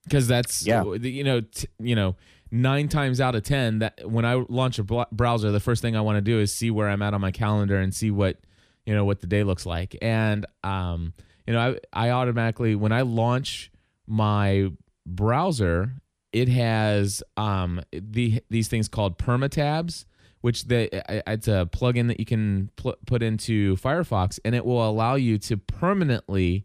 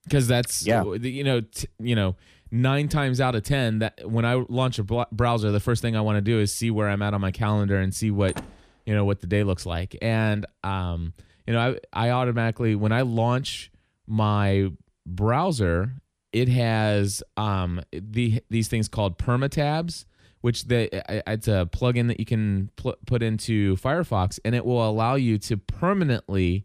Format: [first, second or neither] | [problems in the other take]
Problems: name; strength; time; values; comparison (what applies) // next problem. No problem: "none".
first | door banging; faint; at 8.5 s; peak 15 dB below the speech